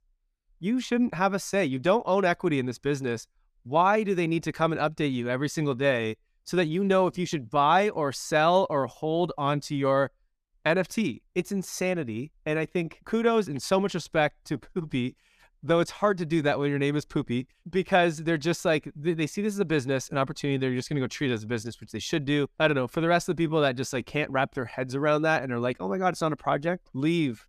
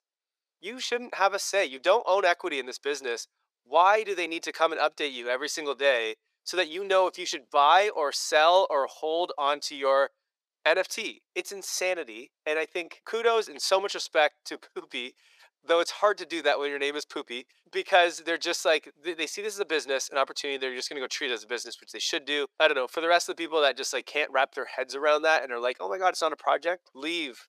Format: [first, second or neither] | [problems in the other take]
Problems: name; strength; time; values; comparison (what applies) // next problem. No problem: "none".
first | thin; very; fading below 450 Hz